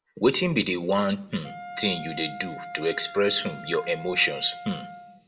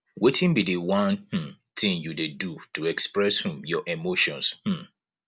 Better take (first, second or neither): second